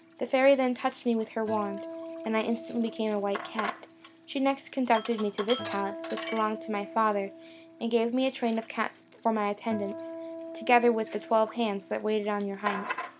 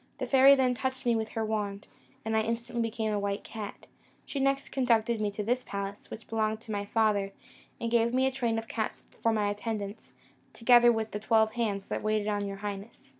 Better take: second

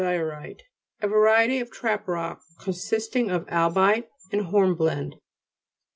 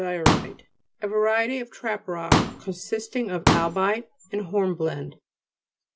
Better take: first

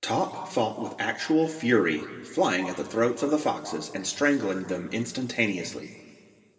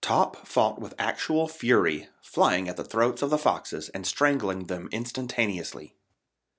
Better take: second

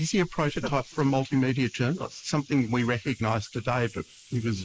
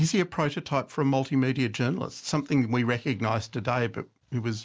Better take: second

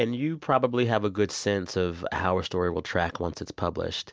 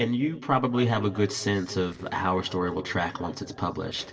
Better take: first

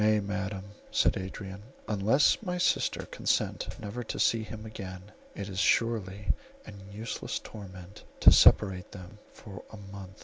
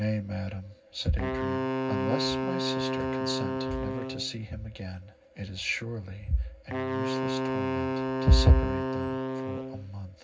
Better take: first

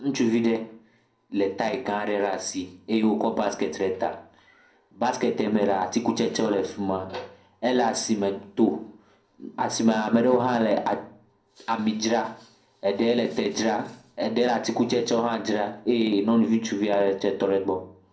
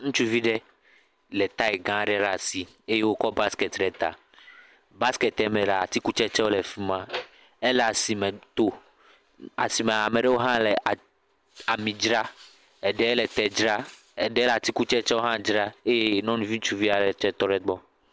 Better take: second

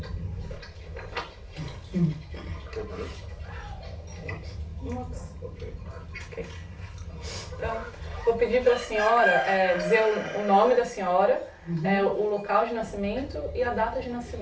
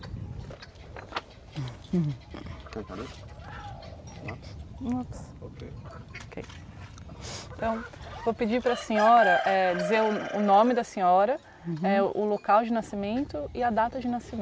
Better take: second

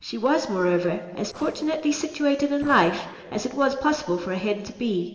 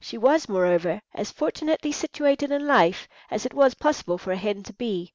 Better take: second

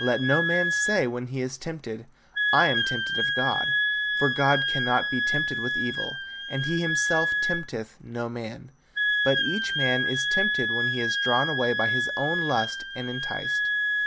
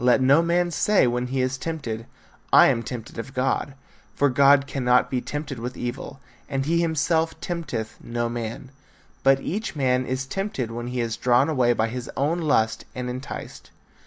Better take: second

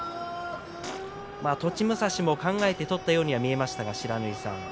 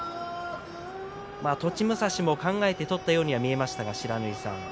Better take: second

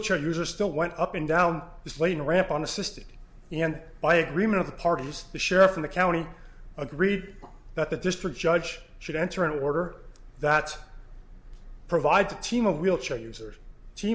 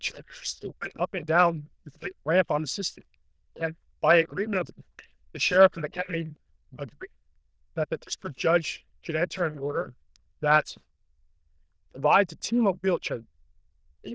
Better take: first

